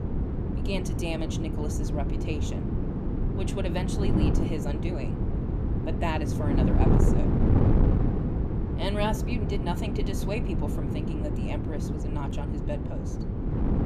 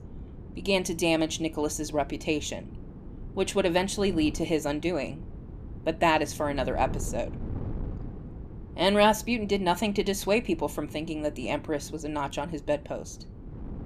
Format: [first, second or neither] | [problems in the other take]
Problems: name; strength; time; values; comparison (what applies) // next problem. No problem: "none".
second | wind noise on the microphone; heavy; as loud as the speech; occasional gusts in the second